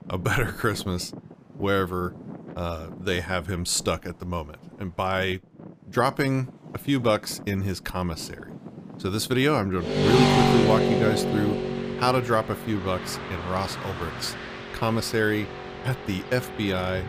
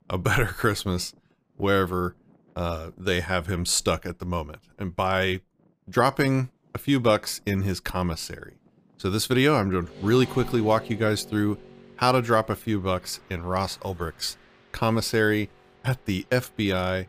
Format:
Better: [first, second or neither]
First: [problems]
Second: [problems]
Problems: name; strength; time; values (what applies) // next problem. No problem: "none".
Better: second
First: traffic noise; loud; throughout; 1 dB below the speech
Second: traffic noise; faint; throughout; 20 dB below the speech